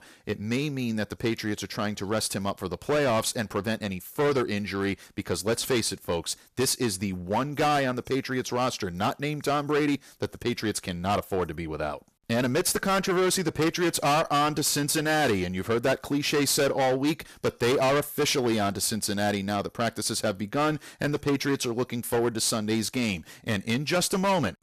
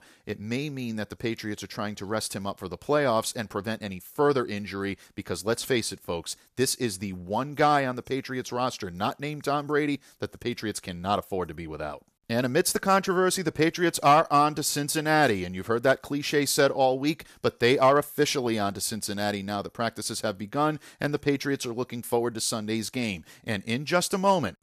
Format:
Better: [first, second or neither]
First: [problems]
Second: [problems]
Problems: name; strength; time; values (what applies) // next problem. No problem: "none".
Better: second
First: distortion; heavy; 12% of the sound clipped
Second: none